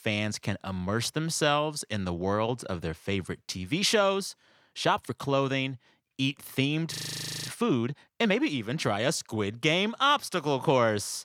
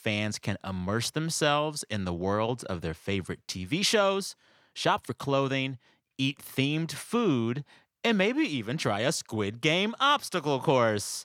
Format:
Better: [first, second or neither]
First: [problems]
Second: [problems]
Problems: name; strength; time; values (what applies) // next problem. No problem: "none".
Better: second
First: audio freezing; at 7 s for 0.5 s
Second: none